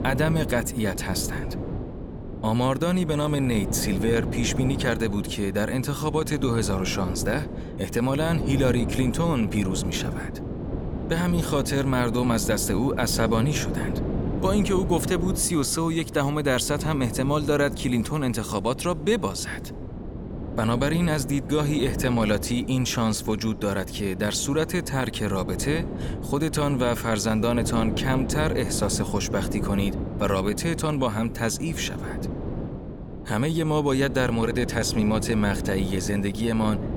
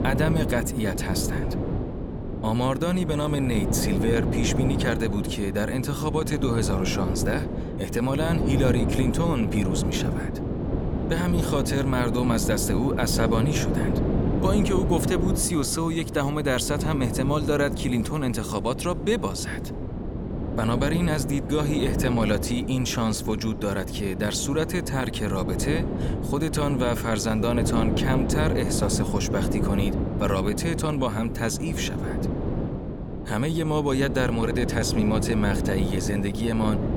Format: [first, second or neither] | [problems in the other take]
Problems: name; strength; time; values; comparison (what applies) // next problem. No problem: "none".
first | wind noise on the microphone; heavy; 5 dB below the speech; occasional gusts in the first